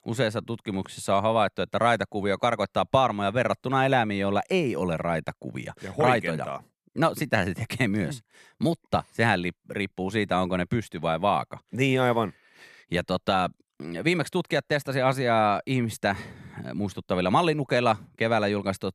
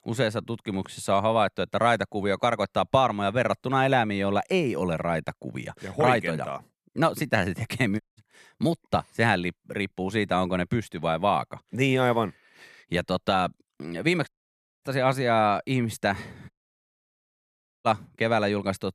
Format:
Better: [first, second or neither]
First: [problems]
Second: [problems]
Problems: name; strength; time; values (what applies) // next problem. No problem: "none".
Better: first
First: none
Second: audio cutting out; at 8 s, at 14 s for 0.5 s and at 17 s for 1.5 s